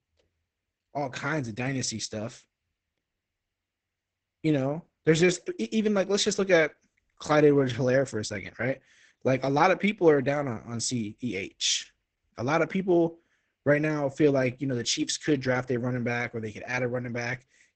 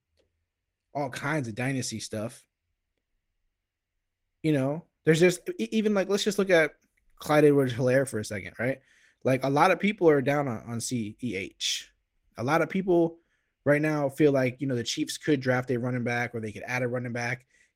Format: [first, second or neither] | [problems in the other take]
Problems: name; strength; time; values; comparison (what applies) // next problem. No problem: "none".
second | garbled, watery; badly; nothing above 8 kHz; slightly in the second